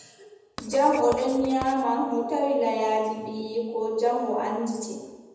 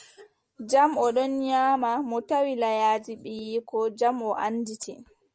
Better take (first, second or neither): second